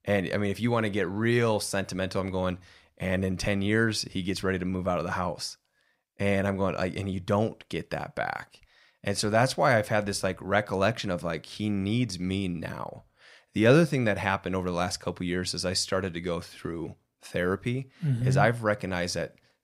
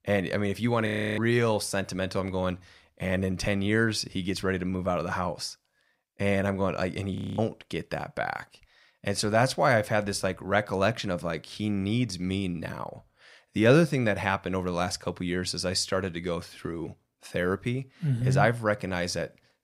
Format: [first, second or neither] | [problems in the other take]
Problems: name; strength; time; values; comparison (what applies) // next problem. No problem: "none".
first | audio freezing; at 1 s and at 7 s